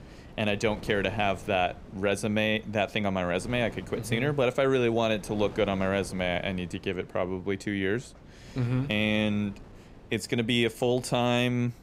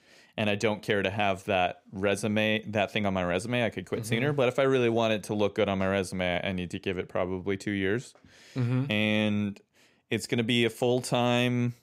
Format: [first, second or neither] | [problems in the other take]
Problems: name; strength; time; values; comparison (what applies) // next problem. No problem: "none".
second | wind noise on the microphone; occasional gusts; 20 dB below the speech